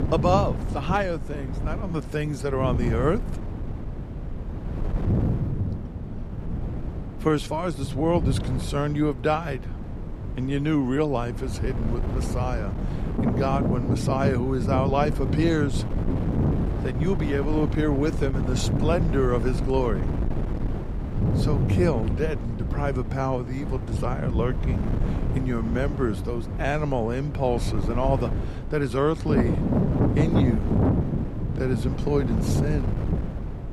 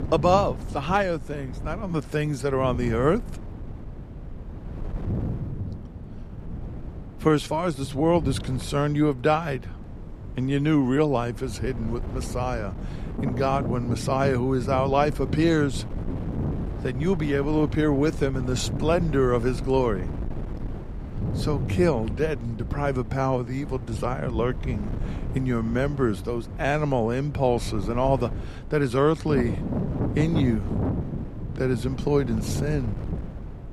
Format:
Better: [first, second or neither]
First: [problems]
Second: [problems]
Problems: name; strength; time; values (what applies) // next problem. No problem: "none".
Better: second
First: wind noise on the microphone; heavy; 7 dB below the speech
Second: wind noise on the microphone; occasional gusts; 15 dB below the speech